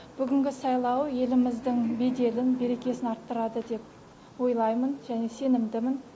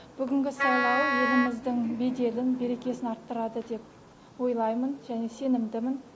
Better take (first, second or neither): first